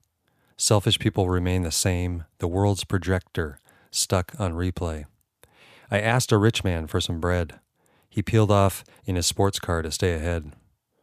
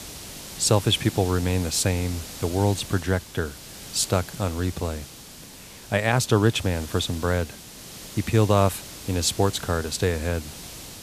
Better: first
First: none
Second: hiss; noticeable; throughout; 15 dB below the speech

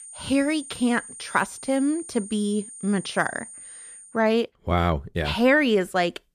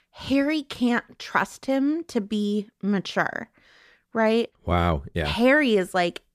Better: second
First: high-pitched whine; noticeable; until 4 s; 9 kHz, 15 dB below the speech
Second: none

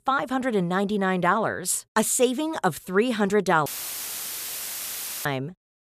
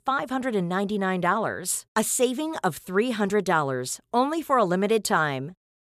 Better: second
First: audio cutting out; filled with static; at 3.5 s for 1.5 s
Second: none

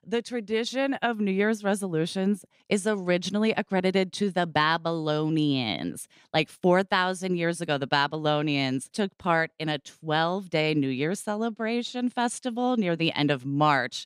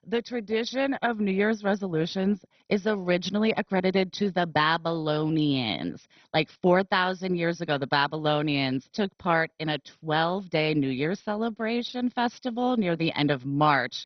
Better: first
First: none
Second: garbled, watery; badly; nothing above 6 kHz

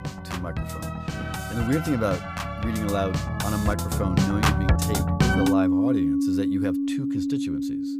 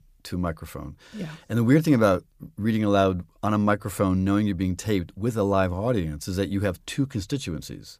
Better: second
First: background music; very loud; throughout; 4 dB above the speech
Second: none

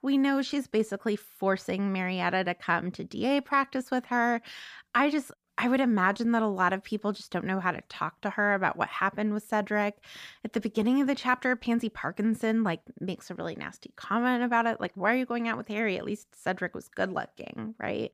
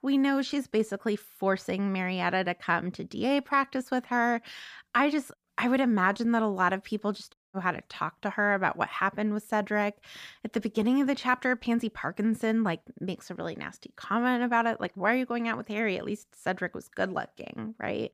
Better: first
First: none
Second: audio cutting out; at 7.5 s

